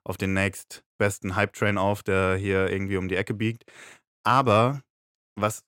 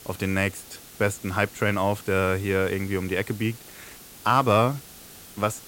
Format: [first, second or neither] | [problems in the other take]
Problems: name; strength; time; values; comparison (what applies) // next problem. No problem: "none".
first | hiss; noticeable; throughout; 20 dB below the speech